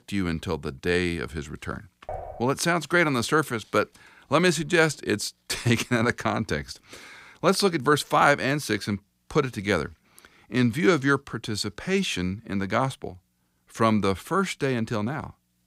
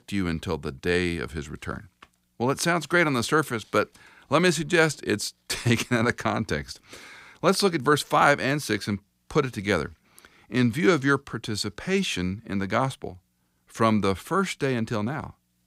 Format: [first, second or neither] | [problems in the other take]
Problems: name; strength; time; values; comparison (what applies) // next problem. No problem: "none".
second | clattering dishes; faint; at 2 s; peak 10 dB below the speech